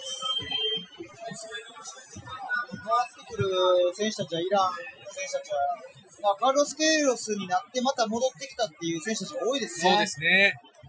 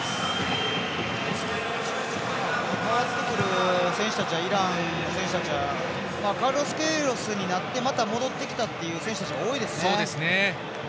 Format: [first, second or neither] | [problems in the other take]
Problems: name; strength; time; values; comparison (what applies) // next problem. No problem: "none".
second | noise reduction (classical method Wiener filter)